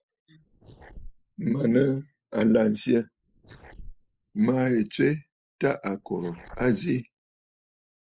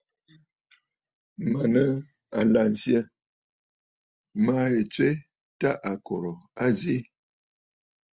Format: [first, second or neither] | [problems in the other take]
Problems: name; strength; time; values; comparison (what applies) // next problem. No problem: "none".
second | noise reduction (neural mask model Resemble Enhance denoiser)